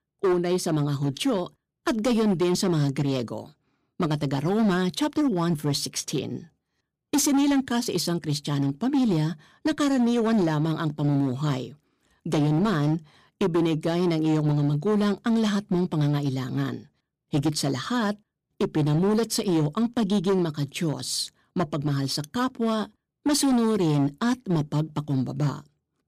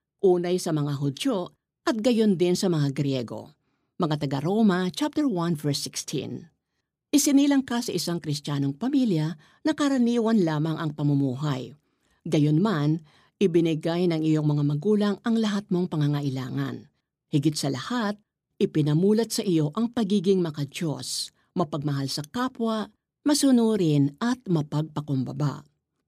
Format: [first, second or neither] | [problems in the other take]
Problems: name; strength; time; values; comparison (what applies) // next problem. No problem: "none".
second | distortion; slight; 11% of the sound clipped